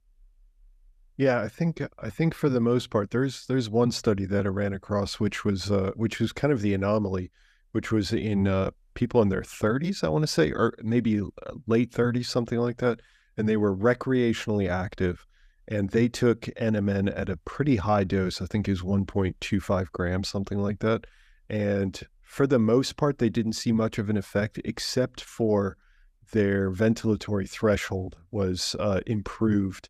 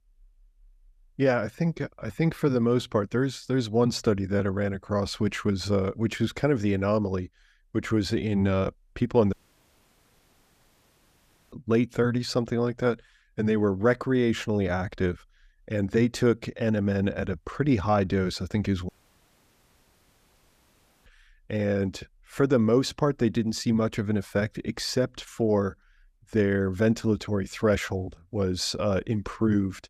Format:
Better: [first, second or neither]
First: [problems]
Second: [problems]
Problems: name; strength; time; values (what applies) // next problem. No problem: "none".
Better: first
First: none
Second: audio cutting out; at 9.5 s for 2 s and at 19 s for 2 s